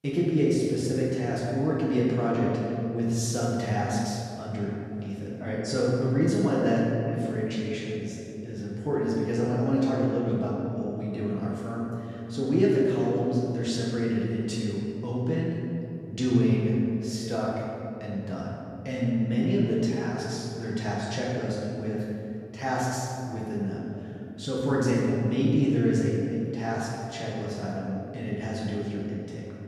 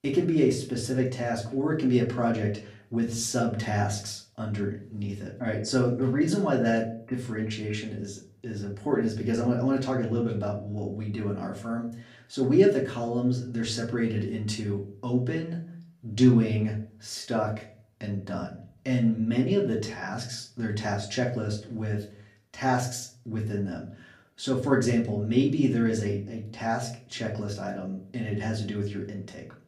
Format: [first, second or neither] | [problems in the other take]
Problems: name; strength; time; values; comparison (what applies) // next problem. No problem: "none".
second | room echo; strong; dies away in 2.7 s; slight in the second // off-mic speech; far; far in the second